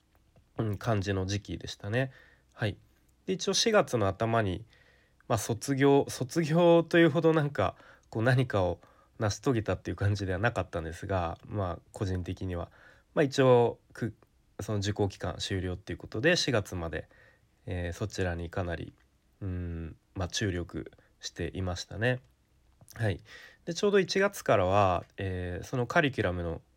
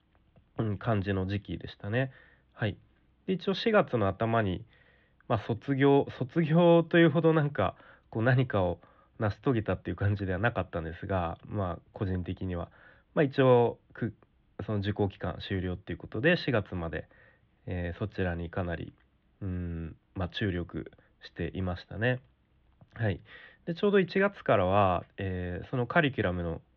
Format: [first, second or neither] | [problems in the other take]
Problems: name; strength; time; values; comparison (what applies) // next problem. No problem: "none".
first | muffled; very; fading above 3.5 kHz